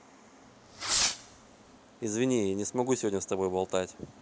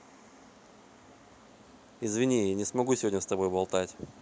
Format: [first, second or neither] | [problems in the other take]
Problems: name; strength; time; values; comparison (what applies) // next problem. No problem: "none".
second | background sound (Fireworks); 1 dB below the speech